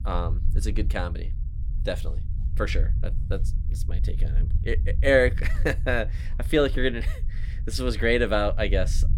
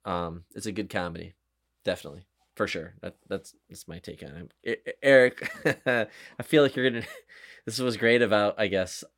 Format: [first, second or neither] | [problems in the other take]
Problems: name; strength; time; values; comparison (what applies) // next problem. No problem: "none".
second | low rumble; faint; throughout; 20 dB below the speech